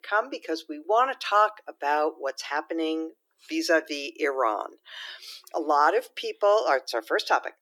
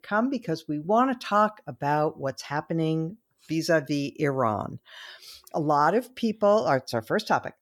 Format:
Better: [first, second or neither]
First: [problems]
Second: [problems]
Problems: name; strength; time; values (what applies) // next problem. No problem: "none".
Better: second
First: thin; very; fading below 300 Hz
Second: none